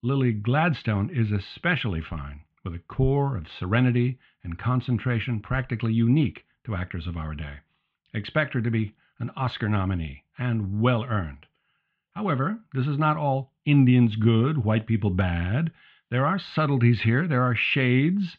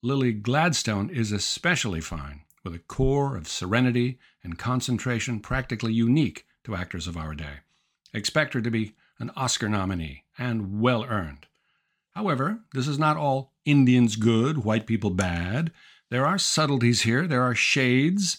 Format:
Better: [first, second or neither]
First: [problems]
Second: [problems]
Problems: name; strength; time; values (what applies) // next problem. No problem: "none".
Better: second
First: muffled; very; fading above 3 kHz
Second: none